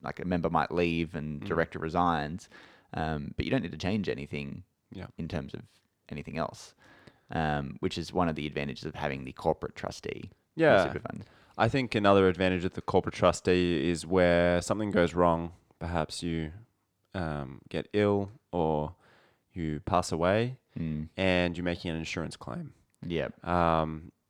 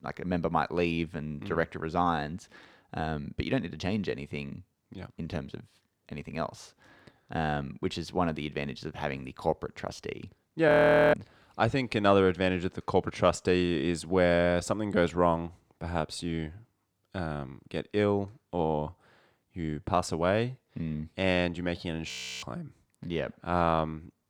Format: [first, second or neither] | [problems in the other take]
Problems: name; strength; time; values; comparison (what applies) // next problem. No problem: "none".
first | audio freezing; at 11 s and at 22 s